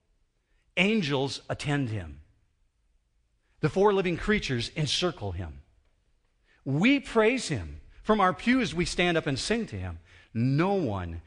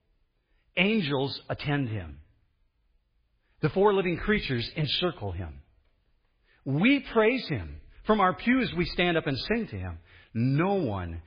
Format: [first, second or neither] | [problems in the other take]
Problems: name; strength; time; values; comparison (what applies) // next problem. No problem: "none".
first | garbled, watery; badly; nothing above 4 kHz; slightly in the first